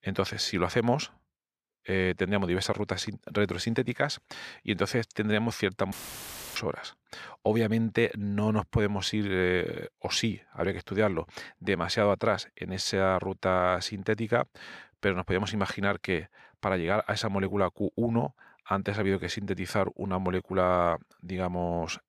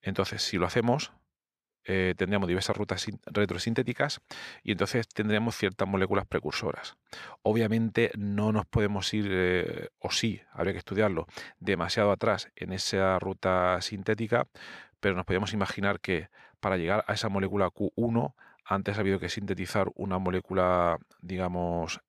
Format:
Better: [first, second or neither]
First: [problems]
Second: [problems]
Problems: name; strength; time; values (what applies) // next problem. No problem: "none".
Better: second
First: audio cutting out; filled with static; at 6 s for 0.5 s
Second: none